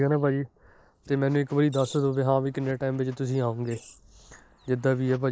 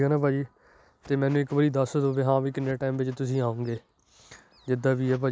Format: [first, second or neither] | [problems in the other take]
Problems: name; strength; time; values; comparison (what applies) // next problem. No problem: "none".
second | noise reduction (neural mask model Resemble Enhance denoiser)